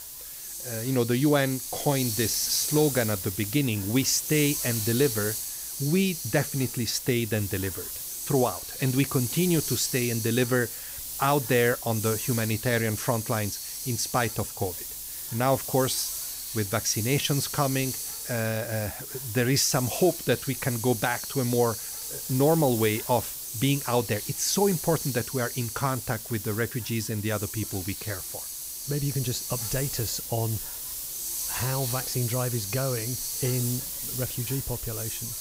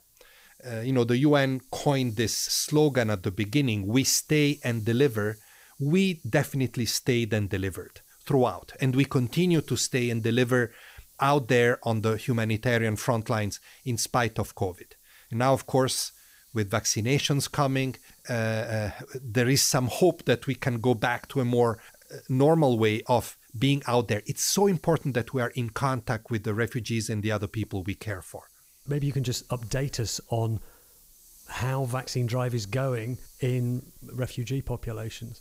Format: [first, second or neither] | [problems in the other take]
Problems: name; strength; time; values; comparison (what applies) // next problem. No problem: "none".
second | hiss; loud; throughout; 4 dB below the speech; faint in the second